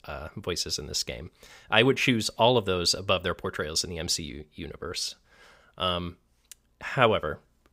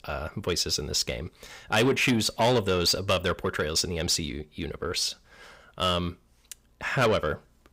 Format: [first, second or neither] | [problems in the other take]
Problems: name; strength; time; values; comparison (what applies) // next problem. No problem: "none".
first | distortion; heavy; 8 dB below the speech